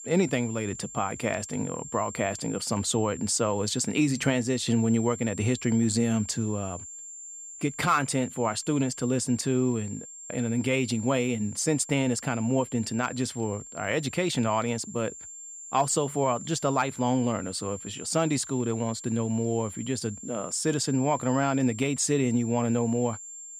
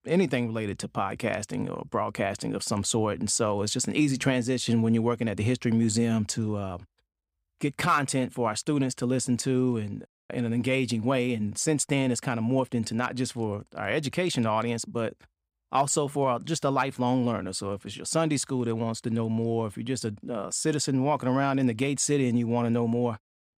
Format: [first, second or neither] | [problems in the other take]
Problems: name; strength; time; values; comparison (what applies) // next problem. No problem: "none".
second | high-pitched whine; noticeable; throughout; 7.5 kHz, 15 dB below the speech